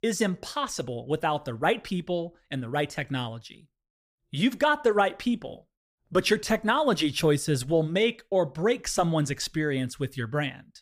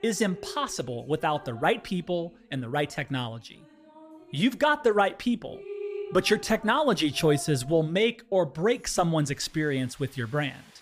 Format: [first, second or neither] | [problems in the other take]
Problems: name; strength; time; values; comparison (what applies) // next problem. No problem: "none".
first | rain or running water; noticeable; throughout; 20 dB below the speech